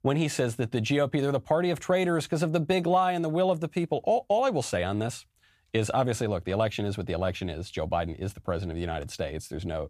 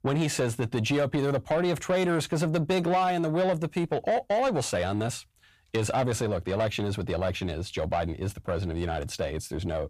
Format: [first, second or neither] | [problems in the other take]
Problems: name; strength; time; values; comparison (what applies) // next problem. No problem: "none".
first | distortion; slight; 10 dB below the speech